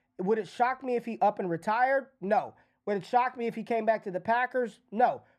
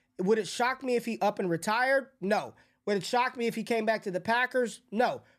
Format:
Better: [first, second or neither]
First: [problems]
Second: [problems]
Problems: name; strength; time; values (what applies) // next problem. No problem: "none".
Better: second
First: muffled; slightly; fading above 3.5 kHz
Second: none